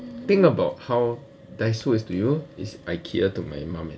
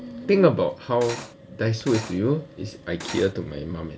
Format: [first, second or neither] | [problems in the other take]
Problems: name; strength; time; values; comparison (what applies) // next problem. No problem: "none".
first | background sound (Cutlery, silverware); 11 dB below the speech